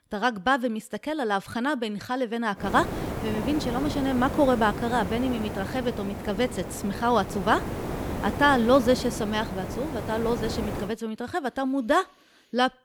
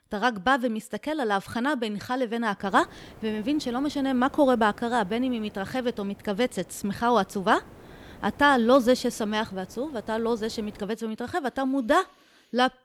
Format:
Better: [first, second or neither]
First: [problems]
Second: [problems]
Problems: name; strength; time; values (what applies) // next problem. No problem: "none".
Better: second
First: hiss; loud; from 2.5 to 11 s; 7 dB below the speech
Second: hiss; faint; from 2.5 to 11 s; 25 dB below the speech